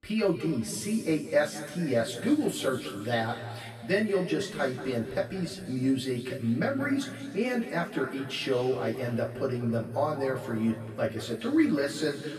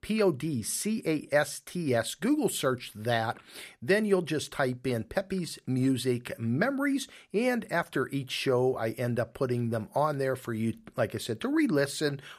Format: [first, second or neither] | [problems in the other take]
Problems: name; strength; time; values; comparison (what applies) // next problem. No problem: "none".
second | room echo; noticeable; dies away in 2.2 s // off-mic speech; far